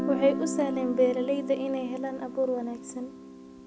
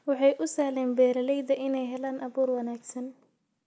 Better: second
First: background sound (Guitar); 6 dB below the speech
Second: none

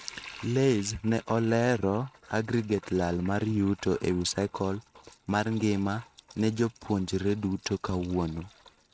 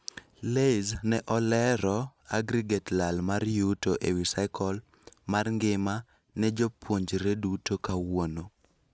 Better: second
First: noise reduction (neural mask model RNNoise)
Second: none

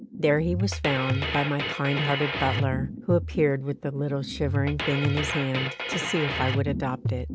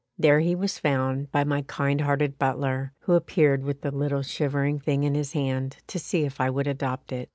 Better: second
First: background sound (Drum kit); 3 dB below the speech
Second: none

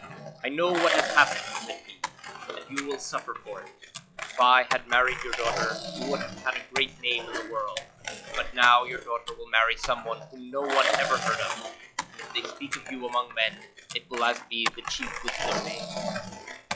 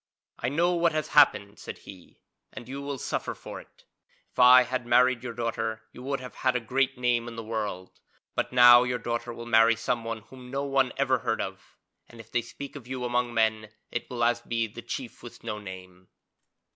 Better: second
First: noise reduction (classical method log-MMSE)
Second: none

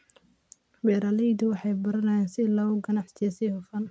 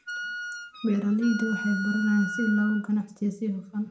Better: first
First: none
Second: background sound (Wind instrument, woodwind instrument); 9 dB below the speech // room echo; dies away in 0.4 s

